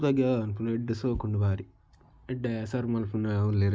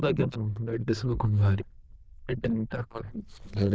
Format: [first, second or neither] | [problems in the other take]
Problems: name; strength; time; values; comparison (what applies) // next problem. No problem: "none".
first | noise reduction (neural diffusion model UNIVERSE++)